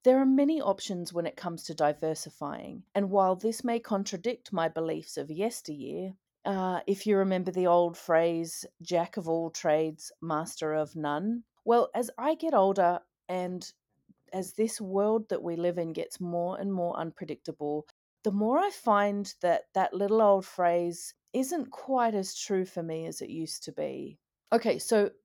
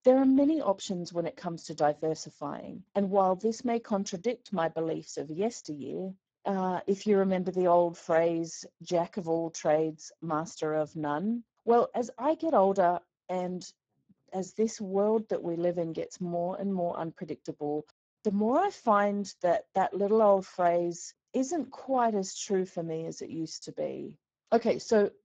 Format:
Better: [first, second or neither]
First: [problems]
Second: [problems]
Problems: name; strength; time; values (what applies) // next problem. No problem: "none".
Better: first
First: none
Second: garbled, watery; badly; nothing above 7.5 kHz